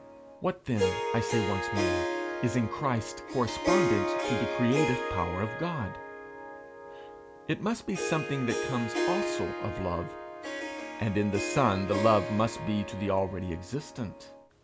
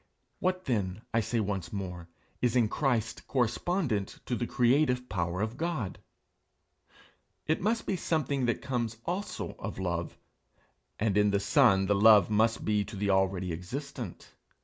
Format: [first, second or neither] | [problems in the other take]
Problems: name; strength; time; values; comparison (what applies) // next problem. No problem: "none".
second | background sound (Harp); 2 dB below the speech